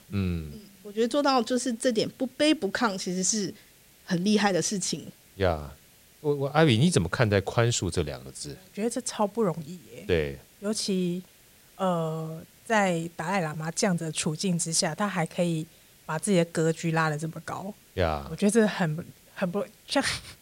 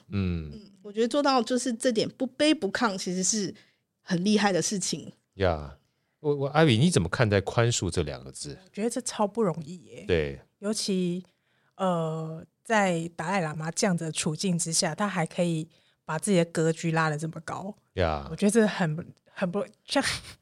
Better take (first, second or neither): second